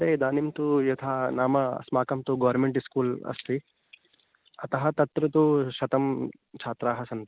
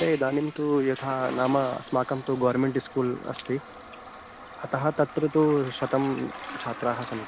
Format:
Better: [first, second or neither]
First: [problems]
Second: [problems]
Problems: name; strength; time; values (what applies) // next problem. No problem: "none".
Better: first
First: none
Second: background sound (Toilet flush); 14 dB below the speech